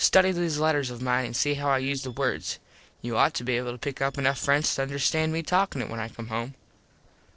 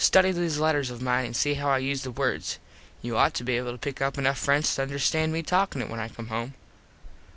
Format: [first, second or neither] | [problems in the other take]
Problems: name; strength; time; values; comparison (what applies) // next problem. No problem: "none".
second | noise reduction (neural separator model SepFormer DNS4)